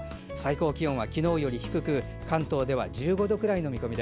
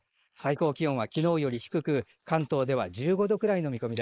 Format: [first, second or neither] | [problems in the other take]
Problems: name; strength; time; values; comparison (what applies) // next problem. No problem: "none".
first | noise reduction (neural mask model Resemble Enhance denoiser)